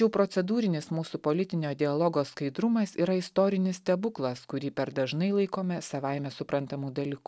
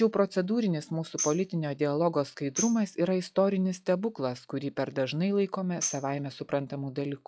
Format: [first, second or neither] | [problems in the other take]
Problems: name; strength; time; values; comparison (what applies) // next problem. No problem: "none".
first | noise reduction (classical method log-MMSE)